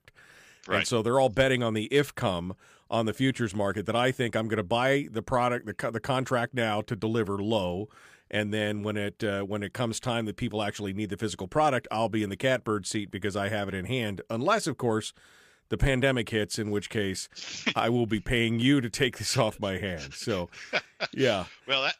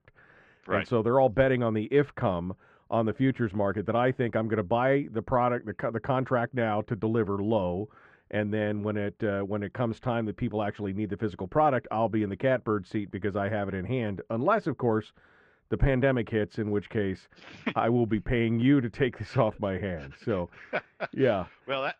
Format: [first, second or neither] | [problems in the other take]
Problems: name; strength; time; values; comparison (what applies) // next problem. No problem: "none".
first | muffled; very; fading above 1.5 kHz